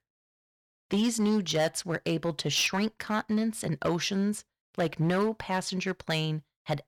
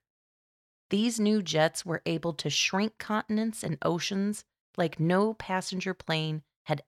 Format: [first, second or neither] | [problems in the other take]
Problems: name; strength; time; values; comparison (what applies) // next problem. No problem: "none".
second | distortion; slight; 5% of the sound clipped